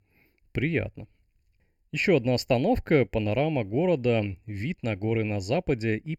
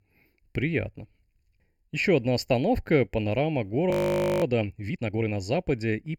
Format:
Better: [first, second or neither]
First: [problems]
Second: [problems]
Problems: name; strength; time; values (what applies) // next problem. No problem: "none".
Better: first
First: none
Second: audio freezing; at 4 s for 0.5 s